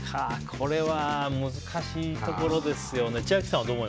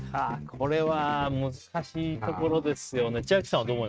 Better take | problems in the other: first | noise reduction (neural mask model RNNoise)

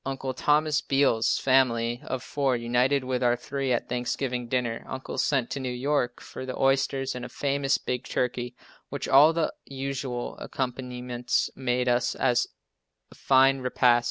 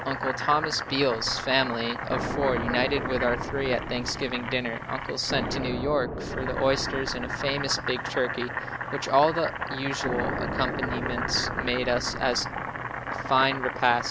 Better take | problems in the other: first | background sound (Boiling + Explosion); 4 dB below the speech

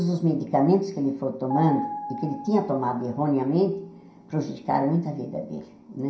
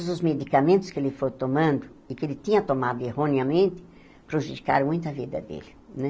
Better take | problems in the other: second | background sound (Piano); 12 dB below the speech // room echo; dies away in 0.5 s

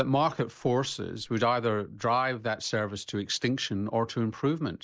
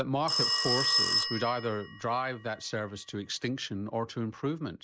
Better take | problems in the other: first | background sound (Telephone); as loud as the speech

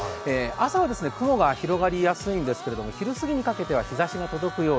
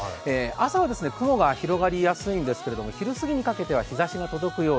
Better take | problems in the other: second | background sound (Trumpet + Keyboard (musical)); 18 dB below the speech

